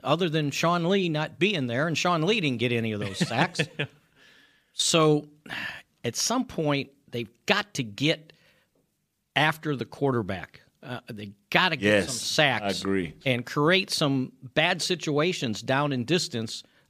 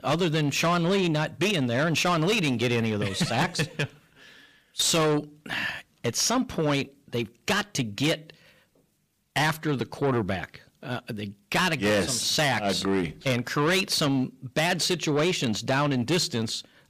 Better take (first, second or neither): first